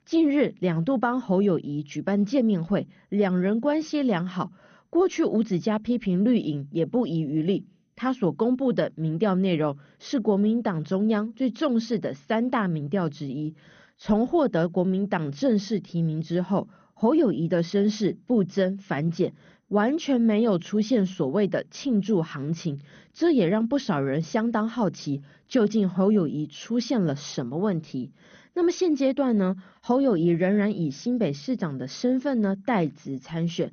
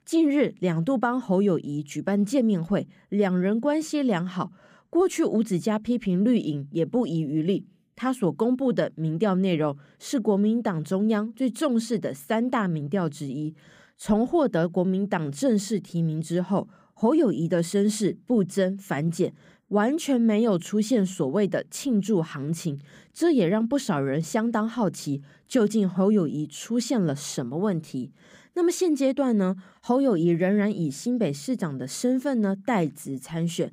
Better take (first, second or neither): second